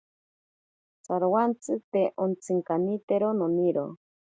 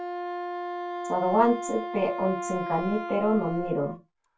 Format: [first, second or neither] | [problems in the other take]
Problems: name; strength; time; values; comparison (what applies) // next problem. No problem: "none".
first | background sound (Wind instrument, woodwind instrument); 6 dB below the speech // room echo; dies away in 0.2 s